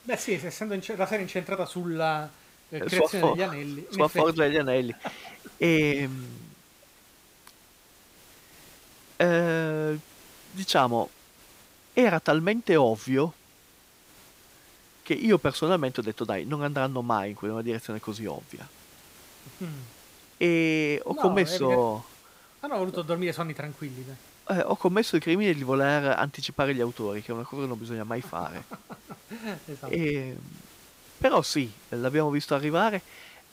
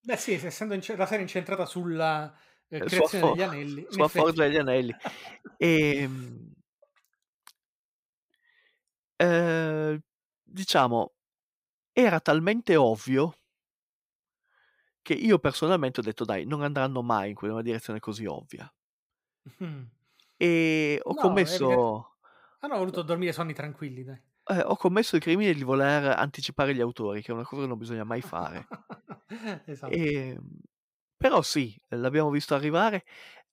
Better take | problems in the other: second | hiss; faint; throughout; 25 dB below the speech

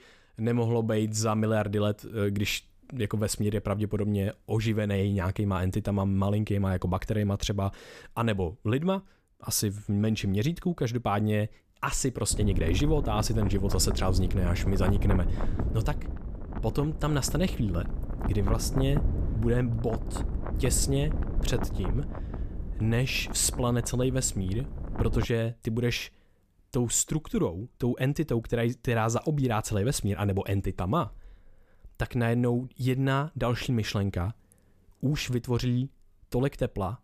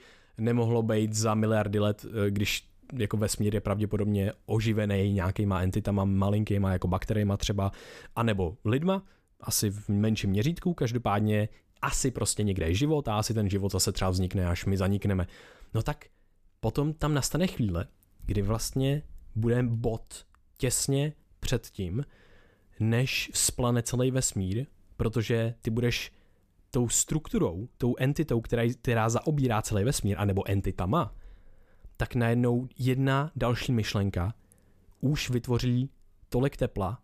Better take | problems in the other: second | wind noise on the microphone; occasional gusts; from 12 to 25 s; 10 dB below the speech

